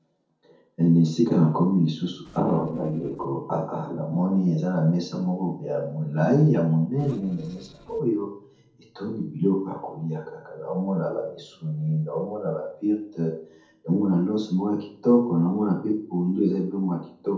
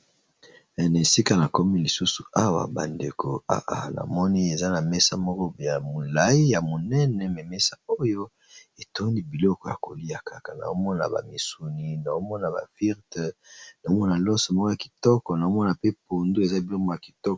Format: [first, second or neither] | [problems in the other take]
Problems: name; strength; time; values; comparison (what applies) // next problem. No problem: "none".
second | noise reduction (neural separator model SepFormer DNS4)